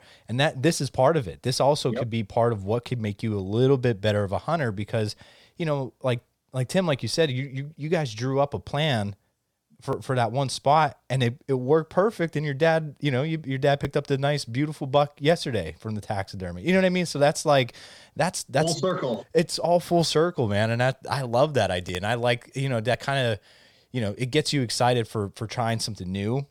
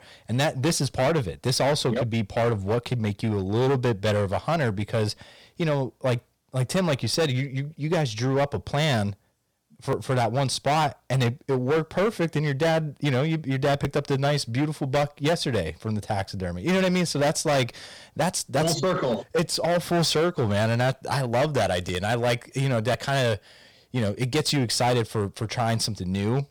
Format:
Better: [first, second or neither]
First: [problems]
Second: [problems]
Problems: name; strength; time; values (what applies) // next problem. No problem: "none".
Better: first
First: none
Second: distortion; heavy; 13% of the sound clipped